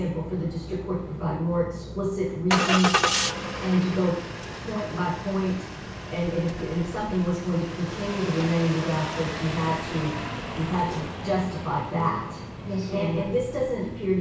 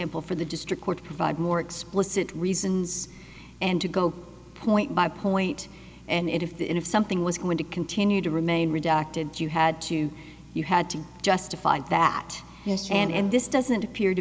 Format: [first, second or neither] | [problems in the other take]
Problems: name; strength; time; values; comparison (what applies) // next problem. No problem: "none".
second | background sound (Engine starting); 5 dB below the speech // room echo; dies away in 0.6 s